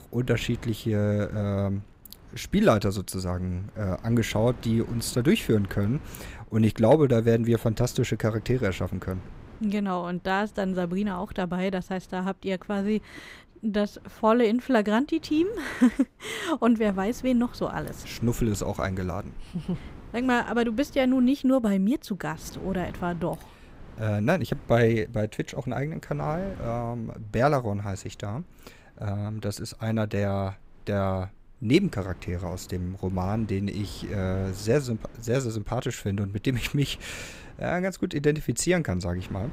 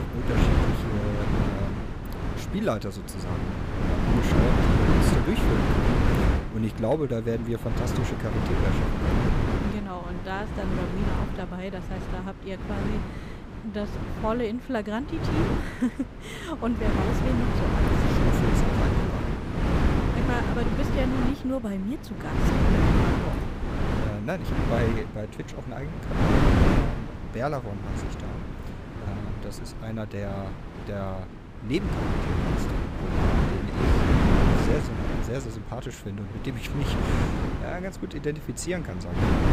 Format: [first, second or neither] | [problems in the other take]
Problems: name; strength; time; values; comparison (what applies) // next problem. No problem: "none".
first | wind noise on the microphone; heavy; 4 dB above the speech; occasional gusts in the first